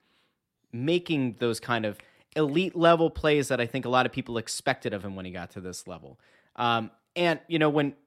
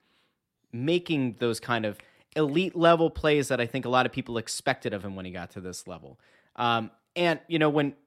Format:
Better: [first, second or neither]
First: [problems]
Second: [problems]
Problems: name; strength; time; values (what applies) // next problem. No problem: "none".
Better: neither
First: none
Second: none